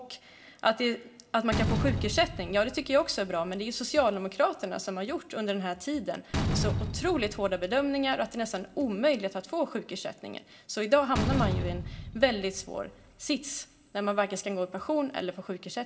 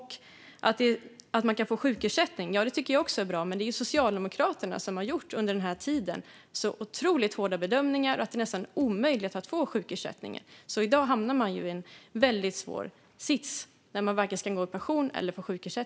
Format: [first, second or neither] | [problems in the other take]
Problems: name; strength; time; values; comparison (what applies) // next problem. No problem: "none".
second | background sound (Slam); 7 dB below the speech // room echo; dies away in 0.3 s